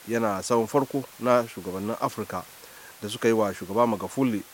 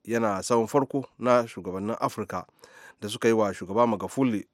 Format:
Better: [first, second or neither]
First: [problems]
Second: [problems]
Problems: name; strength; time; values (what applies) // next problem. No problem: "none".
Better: second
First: hiss; noticeable; throughout; 20 dB below the speech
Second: none